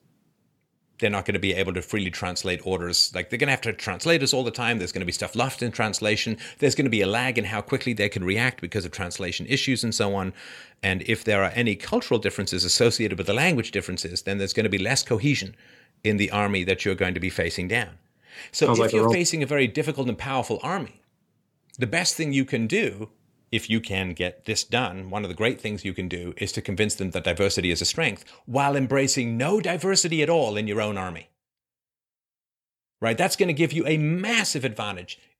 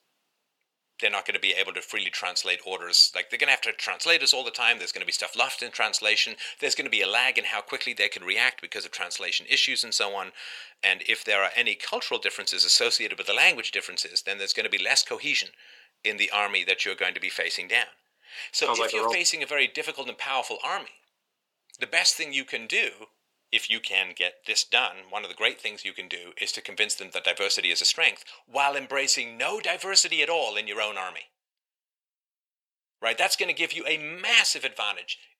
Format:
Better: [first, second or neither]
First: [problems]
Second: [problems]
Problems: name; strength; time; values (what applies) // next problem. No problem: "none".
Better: first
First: none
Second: thin; very; fading below 750 Hz